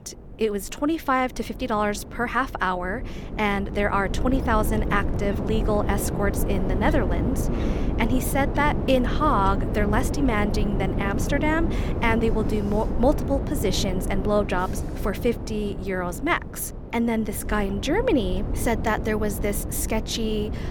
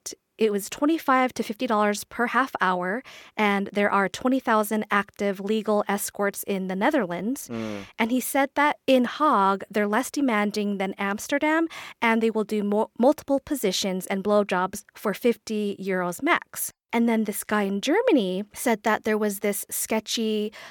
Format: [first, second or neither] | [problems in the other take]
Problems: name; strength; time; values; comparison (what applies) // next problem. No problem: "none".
second | wind noise on the microphone; heavy; 9 dB below the speech